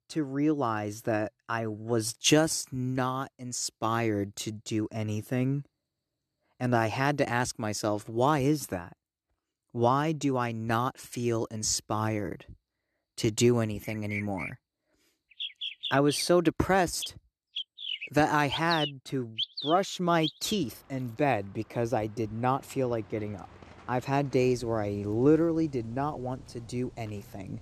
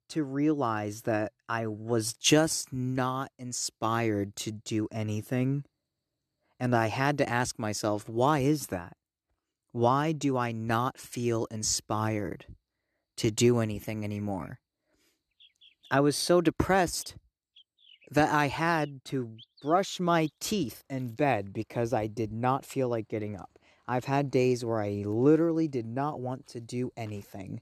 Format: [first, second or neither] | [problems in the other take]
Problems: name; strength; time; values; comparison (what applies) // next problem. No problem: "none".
second | animal sounds; loud; from 14 s on; 8 dB below the speech; faint in the second